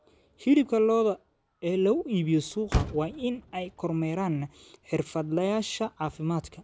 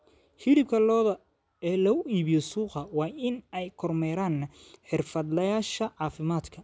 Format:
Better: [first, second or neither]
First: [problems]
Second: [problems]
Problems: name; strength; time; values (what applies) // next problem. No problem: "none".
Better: second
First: background sound (Motor vehicle (road)); 12 dB below the speech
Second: none